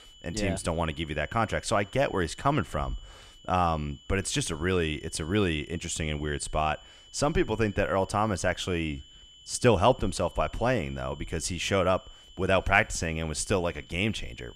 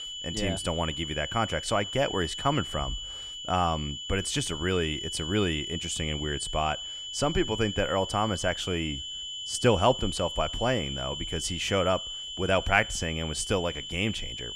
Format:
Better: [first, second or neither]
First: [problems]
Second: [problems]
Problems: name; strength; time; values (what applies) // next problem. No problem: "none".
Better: first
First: high-pitched whine; faint; throughout; 3 kHz, 25 dB below the speech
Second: high-pitched whine; loud; throughout; 3 kHz, 6 dB below the speech